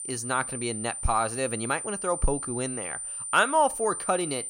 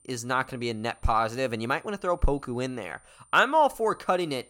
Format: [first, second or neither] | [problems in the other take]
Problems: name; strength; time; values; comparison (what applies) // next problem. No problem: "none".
second | high-pitched whine; loud; throughout; 9 kHz, 5 dB below the speech; faint in the second